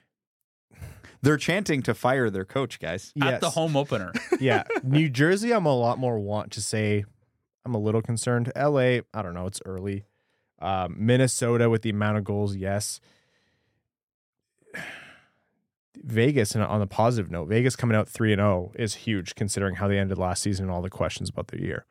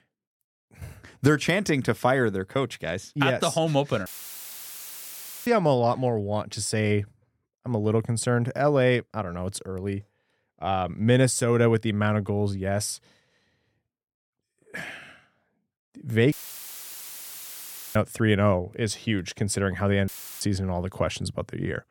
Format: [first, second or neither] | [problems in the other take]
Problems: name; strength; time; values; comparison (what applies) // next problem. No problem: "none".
first | audio cutting out; filled with static; at 4 s for 1.5 s, at 16 s for 1.5 s and at 20 s